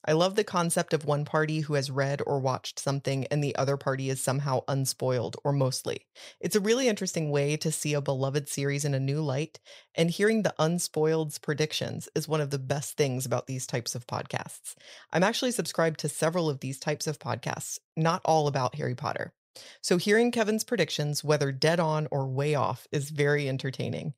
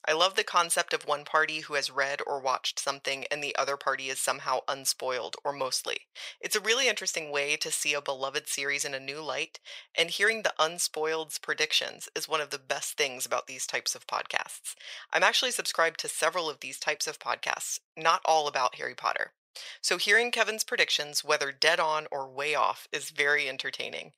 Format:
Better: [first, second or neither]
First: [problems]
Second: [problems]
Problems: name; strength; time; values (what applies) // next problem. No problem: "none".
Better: first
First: none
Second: thin; very; fading below 650 Hz